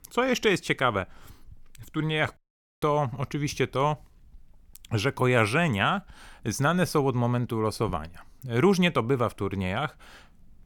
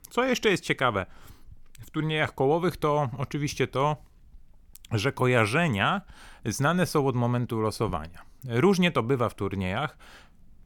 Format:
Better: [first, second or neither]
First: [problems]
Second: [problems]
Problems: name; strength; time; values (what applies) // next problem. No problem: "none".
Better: second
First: audio cutting out; at 2.5 s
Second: none